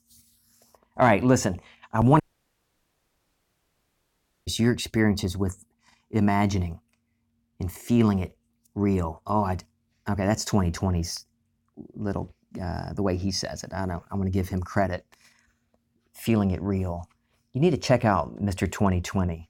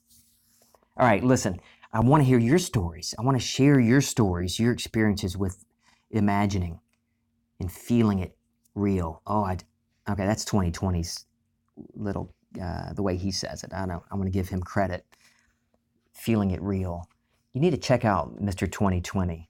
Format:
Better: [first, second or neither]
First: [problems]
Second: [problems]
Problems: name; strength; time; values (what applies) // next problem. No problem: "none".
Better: second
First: audio cutting out; at 2 s for 2.5 s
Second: none